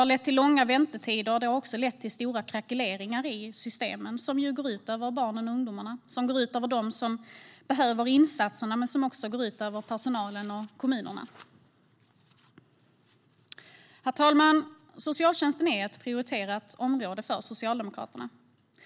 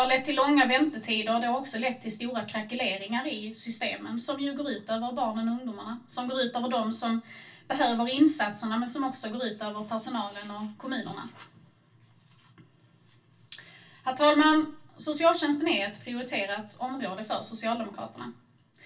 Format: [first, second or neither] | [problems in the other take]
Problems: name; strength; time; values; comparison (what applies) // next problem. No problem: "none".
first | room echo; dies away in 0.2 s